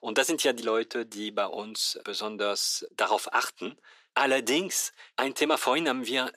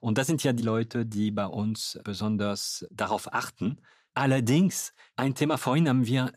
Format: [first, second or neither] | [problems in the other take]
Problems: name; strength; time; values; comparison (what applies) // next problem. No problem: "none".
second | thin; very; fading below 350 Hz